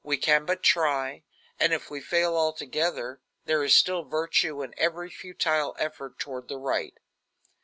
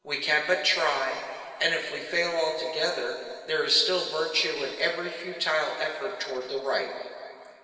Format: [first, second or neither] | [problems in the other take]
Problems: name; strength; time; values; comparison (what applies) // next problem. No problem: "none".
first | room echo; dies away in 2.5 s